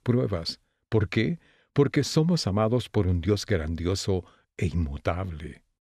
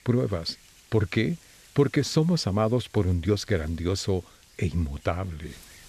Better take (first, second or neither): first